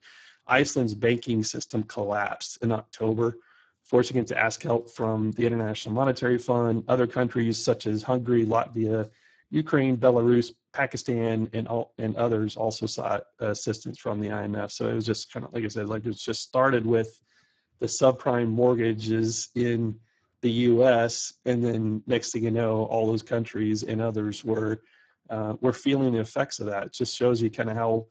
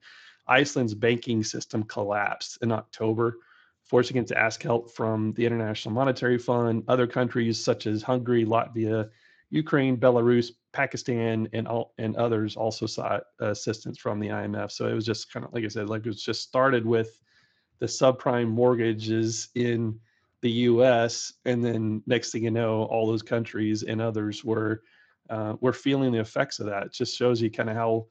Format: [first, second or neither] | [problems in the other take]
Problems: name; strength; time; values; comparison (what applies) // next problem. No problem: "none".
second | garbled, watery; badly; nothing above 7.5 kHz; slightly in the second